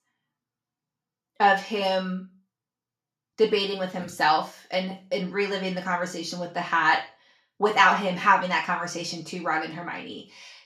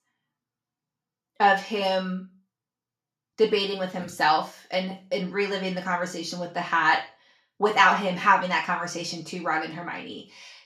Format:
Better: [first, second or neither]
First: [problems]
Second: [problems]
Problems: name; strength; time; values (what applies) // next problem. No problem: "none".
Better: neither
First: room echo; slight; dies away in 0.3 s // off-mic speech; far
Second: room echo; slight; dies away in 0.3 s // off-mic speech; far